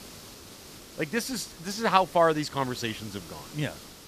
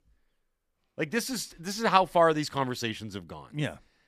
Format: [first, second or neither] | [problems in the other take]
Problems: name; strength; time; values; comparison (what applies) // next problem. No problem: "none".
second | hiss; noticeable; throughout; 15 dB below the speech